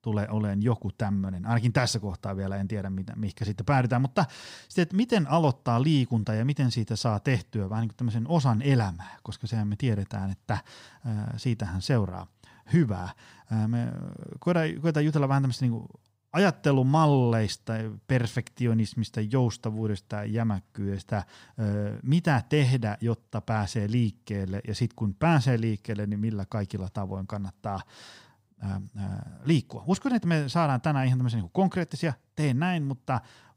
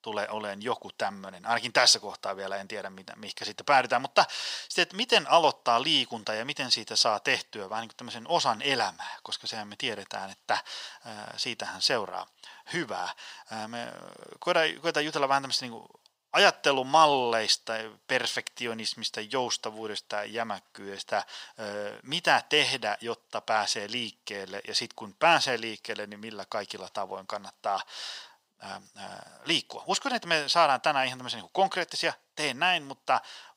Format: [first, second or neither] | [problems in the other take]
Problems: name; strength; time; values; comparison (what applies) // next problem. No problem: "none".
first | thin; very; fading below 700 Hz